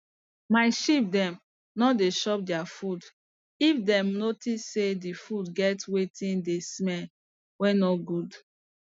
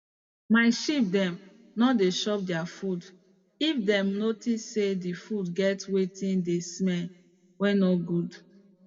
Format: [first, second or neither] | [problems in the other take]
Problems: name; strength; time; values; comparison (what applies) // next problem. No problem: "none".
first | room echo; dies away in 1.1 s